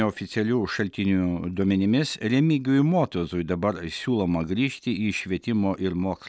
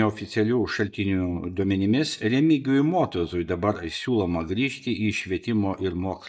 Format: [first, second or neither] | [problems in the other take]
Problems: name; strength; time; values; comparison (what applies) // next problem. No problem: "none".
first | noise reduction (neural mask model DeepFilterNet 3)